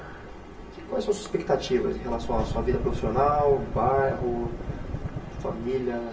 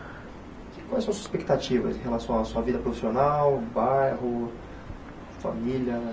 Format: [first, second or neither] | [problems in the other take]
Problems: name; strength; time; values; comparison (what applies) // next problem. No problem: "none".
second | background sound (Engine starting / Car); 6 dB below the speech // room echo; dies away in 0.8 s